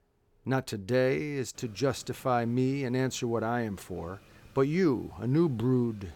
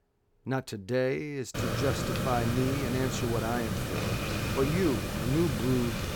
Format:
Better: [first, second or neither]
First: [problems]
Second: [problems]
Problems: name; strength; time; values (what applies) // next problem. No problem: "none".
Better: first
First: hiss; faint; from 1.5 s on; 30 dB below the speech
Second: hiss; loud; from 1.5 s on; 1 dB below the speech